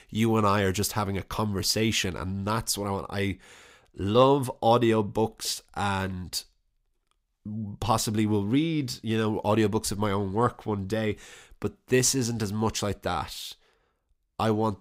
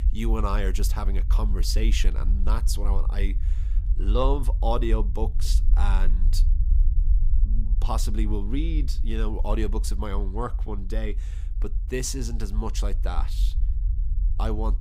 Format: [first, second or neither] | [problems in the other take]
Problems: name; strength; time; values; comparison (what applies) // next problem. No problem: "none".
first | low rumble; noticeable; throughout; 15 dB below the speech